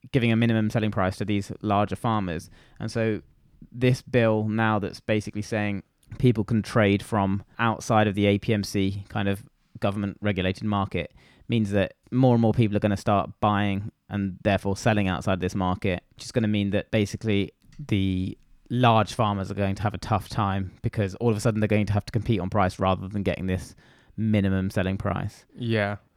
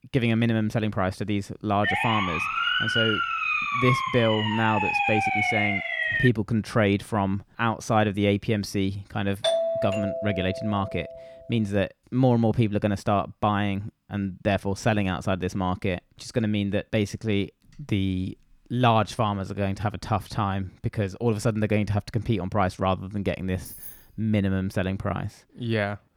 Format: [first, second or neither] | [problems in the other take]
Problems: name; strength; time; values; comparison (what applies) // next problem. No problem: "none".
first | siren; loud; from 2 to 6.5 s; peak 4 dB above the speech // doorbell; loud; from 9.5 to 11 s; peak 2 dB above the speech // jangling keys; faint; at 23 s; peak 10 dB below the speech